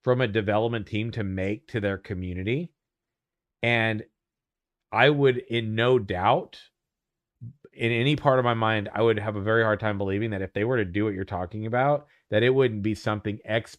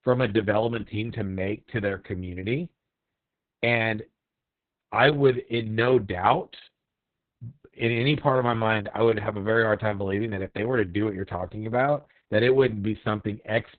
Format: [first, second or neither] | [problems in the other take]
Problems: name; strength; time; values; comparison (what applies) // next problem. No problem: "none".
first | garbled, watery; badly; nothing above 4 kHz